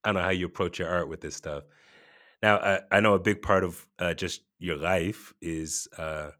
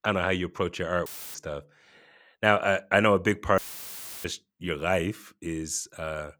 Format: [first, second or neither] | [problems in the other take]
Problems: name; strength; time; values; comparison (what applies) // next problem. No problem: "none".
first | audio cutting out; filled with static; at 1 s and at 3.5 s for 0.5 s